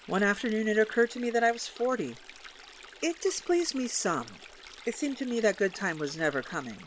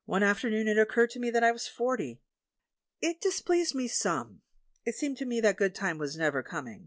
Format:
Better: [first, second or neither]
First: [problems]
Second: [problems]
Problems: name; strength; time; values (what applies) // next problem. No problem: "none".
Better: second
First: background sound (Stream); 19 dB below the speech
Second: none